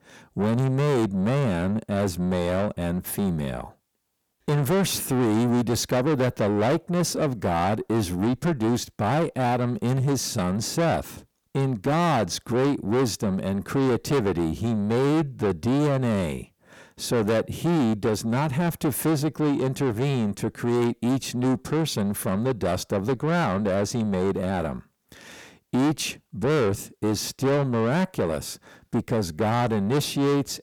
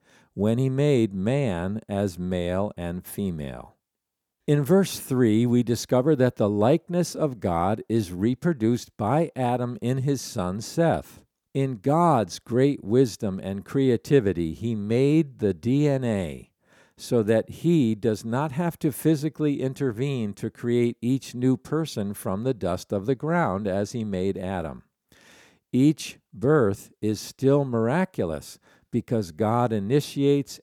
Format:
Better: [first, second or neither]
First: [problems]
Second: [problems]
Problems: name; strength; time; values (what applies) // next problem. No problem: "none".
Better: second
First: distortion; heavy; 6 dB below the speech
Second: none